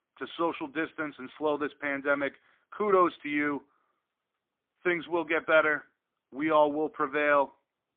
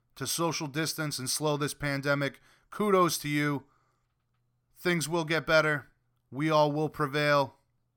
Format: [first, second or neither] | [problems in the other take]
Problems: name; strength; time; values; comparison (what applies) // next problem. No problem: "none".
second | phone-call audio; poor line; nothing above 3.5 kHz